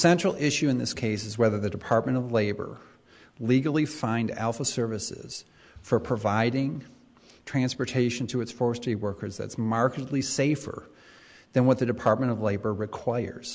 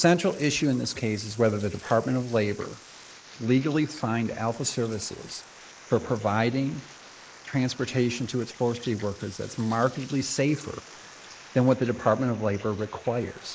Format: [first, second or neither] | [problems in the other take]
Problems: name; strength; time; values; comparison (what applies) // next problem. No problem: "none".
first | noise reduction (neural mask model Resemble Enhance denoiser)